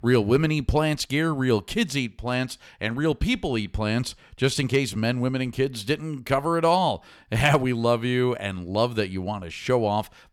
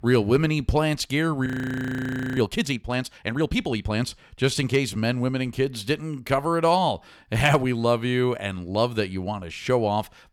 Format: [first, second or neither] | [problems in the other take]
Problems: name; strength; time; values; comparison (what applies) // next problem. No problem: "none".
first | audio freezing; at 1.5 s for 1 s